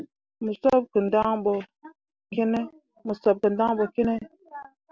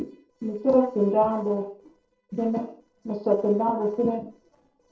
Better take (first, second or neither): first